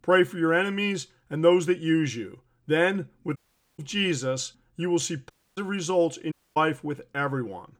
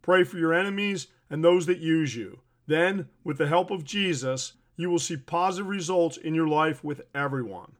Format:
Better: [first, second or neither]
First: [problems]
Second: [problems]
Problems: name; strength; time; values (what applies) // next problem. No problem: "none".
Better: second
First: audio cutting out; at 3.5 s, at 5.5 s and at 6.5 s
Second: none